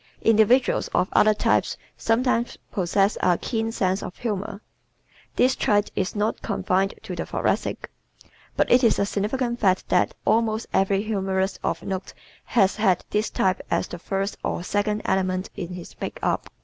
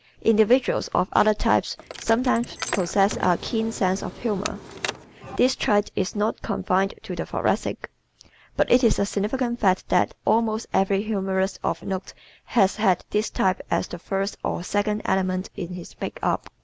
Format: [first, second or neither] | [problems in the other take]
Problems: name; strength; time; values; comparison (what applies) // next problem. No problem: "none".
first | background sound (Car); 11 dB below the speech